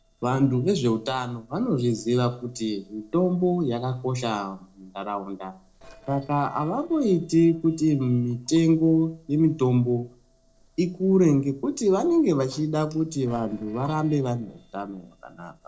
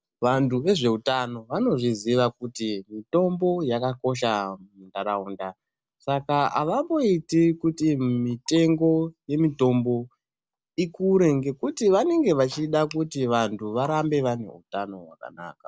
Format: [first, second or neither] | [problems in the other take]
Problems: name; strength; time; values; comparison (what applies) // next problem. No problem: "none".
second | noise reduction (neural separator model SepFormer DNS4)